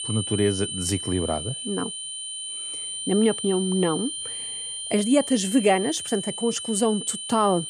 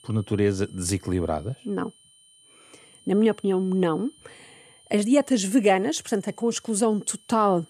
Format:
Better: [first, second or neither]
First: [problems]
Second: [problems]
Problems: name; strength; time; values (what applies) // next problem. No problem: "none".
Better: second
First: high-pitched whine; loud; throughout; 9 kHz, 6 dB below the speech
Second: high-pitched whine; faint; throughout; 9 kHz, 30 dB below the speech